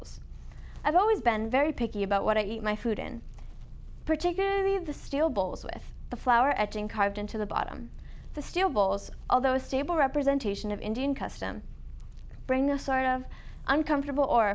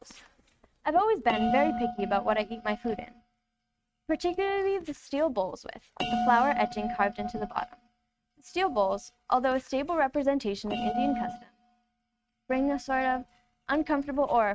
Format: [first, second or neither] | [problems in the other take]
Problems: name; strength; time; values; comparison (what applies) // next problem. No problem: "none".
first | noise reduction (neural mask model RNNoise)